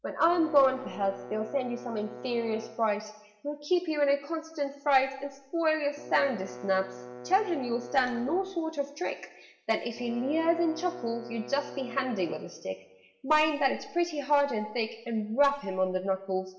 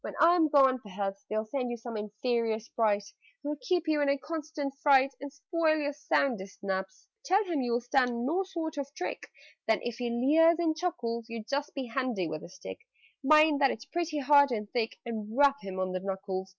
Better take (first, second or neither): second